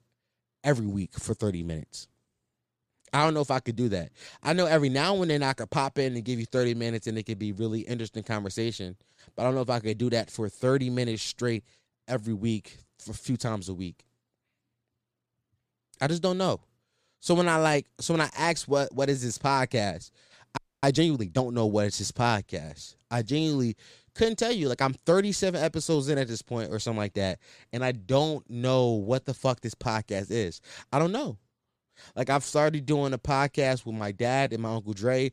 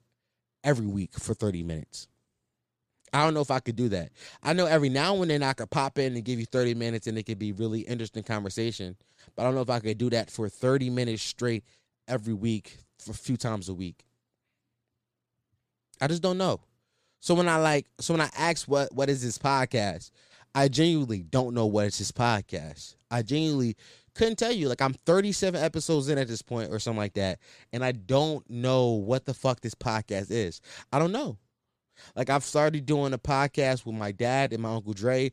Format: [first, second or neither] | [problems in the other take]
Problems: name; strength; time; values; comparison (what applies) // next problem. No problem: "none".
second | audio freezing; at 21 s